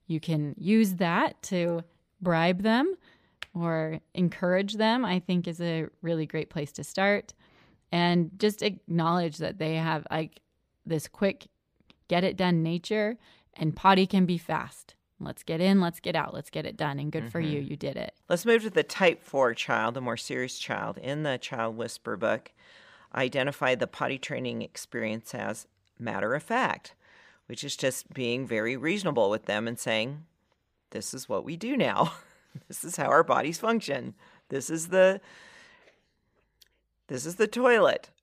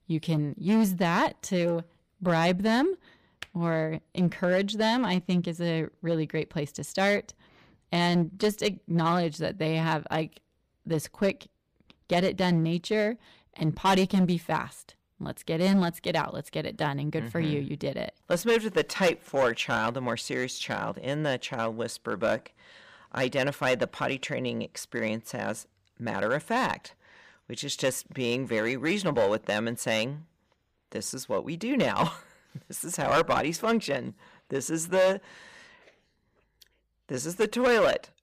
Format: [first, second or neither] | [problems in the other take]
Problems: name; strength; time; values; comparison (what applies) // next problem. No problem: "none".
first | distortion; slight; 4% of the sound clipped